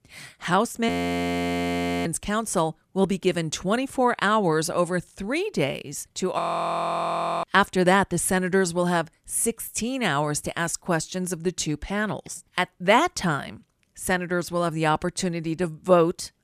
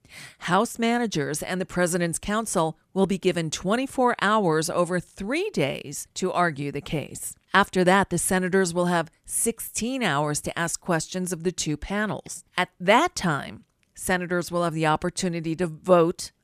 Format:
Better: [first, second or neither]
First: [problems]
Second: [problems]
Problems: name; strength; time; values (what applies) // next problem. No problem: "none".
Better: second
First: audio freezing; at 1 s for 1 s and at 6.5 s for 1 s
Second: none